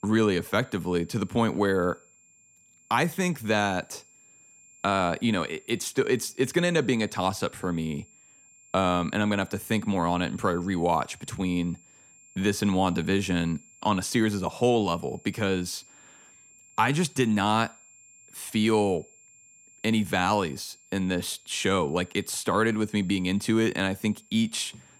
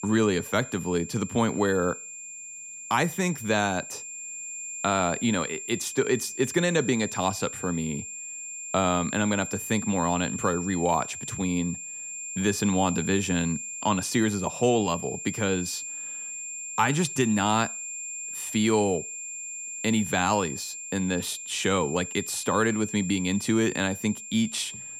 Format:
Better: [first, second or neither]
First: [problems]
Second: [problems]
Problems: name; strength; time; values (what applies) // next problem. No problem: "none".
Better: first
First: high-pitched whine; faint; throughout; 7.5 kHz, 25 dB below the speech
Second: high-pitched whine; loud; throughout; 7.5 kHz, 8 dB below the speech